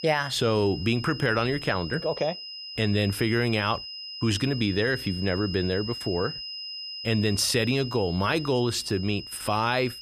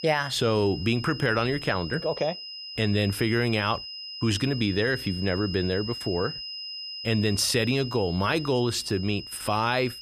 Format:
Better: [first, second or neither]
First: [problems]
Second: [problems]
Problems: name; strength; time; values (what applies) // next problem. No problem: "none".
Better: neither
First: high-pitched whine; loud; throughout; 5 kHz, 10 dB below the speech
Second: high-pitched whine; loud; throughout; 5 kHz, 10 dB below the speech